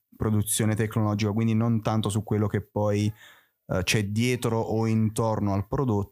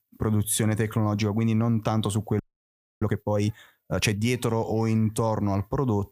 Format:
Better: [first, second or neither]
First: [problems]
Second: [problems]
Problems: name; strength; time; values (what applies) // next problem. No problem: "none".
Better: first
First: none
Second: audio freezing; at 2.5 s for 0.5 s